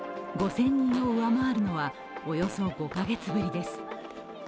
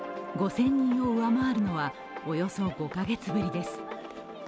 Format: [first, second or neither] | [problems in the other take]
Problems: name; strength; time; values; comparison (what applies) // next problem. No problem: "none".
second | background sound (Fart); 15 dB below the speech